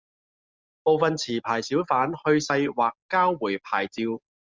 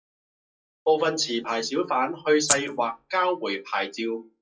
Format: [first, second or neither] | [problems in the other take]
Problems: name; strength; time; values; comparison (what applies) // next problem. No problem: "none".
first | noise reduction (classical method WPE with log-MMSE)